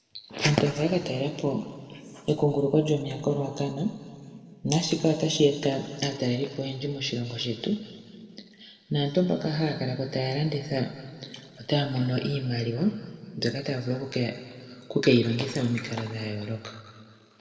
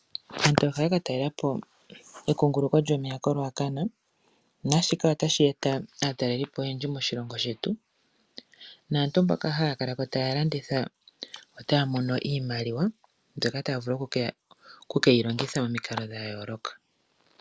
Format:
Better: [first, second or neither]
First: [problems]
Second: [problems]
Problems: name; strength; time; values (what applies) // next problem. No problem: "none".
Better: second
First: room echo; dies away in 2.1 s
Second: none